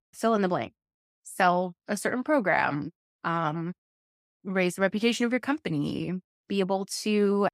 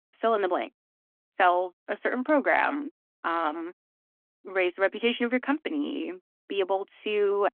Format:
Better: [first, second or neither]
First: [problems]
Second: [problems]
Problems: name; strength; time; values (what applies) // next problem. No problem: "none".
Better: first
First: none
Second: phone-call audio